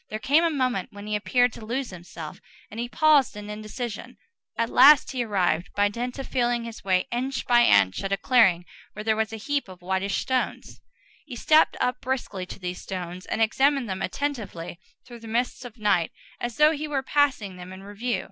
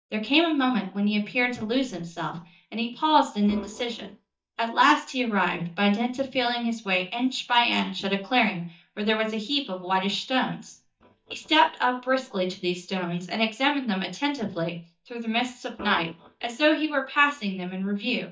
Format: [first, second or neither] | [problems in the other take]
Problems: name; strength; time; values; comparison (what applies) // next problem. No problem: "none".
first | noise reduction (neural mask model DeepFilterNet 3)